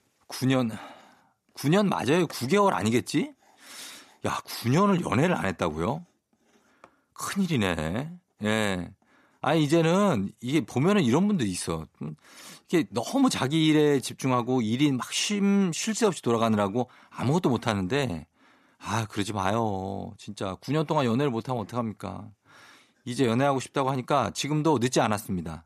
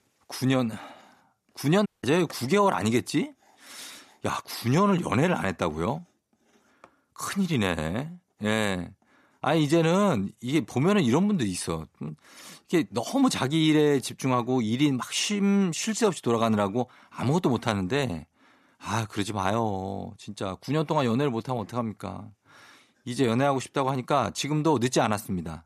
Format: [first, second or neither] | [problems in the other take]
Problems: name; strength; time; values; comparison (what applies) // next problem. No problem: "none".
first | audio cutting out; at 2 s